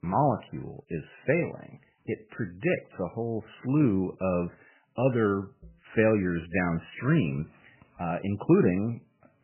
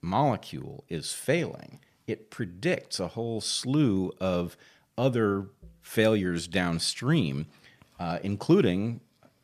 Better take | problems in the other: second | garbled, watery; badly; nothing above 2.5 kHz

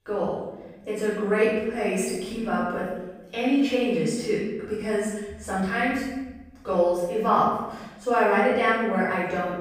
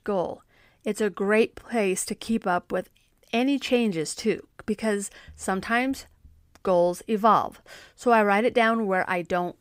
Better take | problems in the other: second | off-mic speech; far // room echo; strong; dies away in 1 s

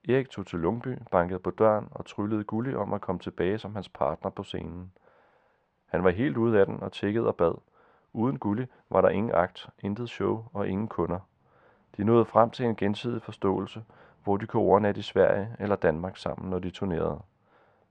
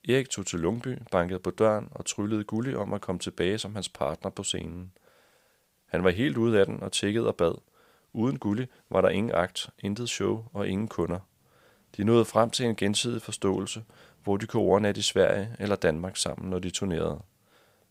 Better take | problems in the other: second | muffled; very; fading above 2 kHz

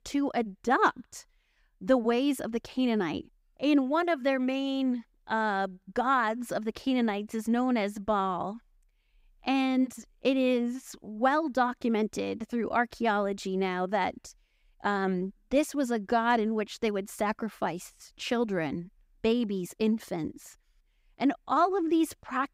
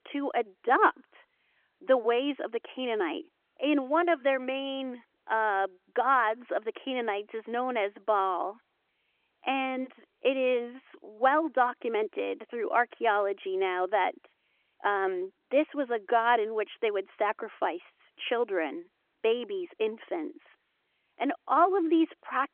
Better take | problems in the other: first | phone-call audio; nothing above 3.5 kHz

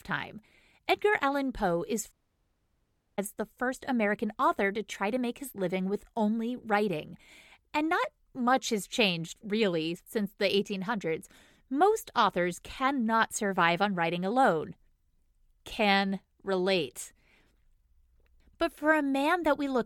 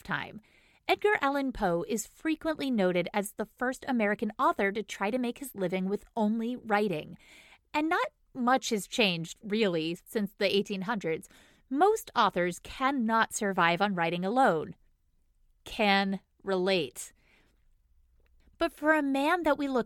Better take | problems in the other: second | audio cutting out; at 2 s for 1 s

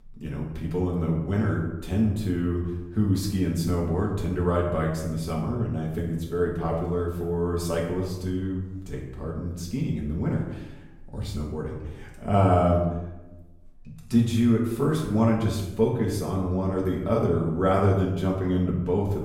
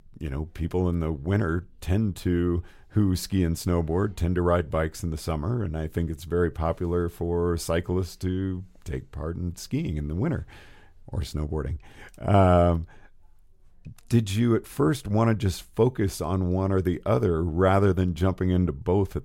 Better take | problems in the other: second | room echo; noticeable; dies away in 0.8 s // off-mic speech; far

